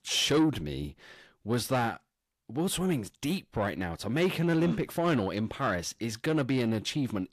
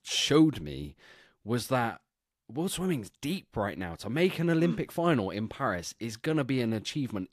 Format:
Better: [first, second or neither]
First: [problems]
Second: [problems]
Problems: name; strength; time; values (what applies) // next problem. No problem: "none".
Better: second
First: distortion; slight; 10 dB below the speech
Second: none